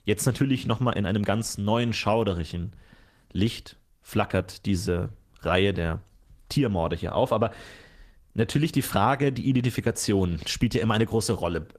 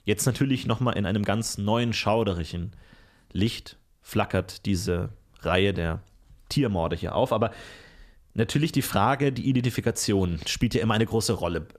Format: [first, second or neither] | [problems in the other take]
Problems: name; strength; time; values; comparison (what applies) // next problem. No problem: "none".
second | garbled, watery; slightly; nothing above 14.5 kHz